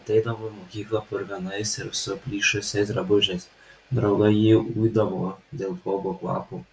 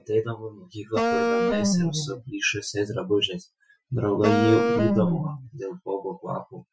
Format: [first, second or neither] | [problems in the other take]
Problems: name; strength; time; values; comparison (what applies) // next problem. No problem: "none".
first | noise reduction (classical method Wiener filter)